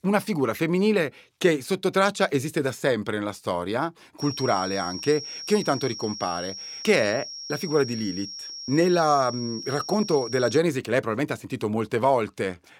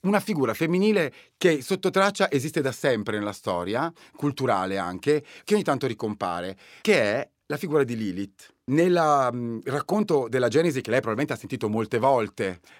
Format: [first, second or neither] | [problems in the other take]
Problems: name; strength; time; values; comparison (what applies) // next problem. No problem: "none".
second | high-pitched whine; loud; from 4 to 11 s; 5.5 kHz, 9 dB below the speech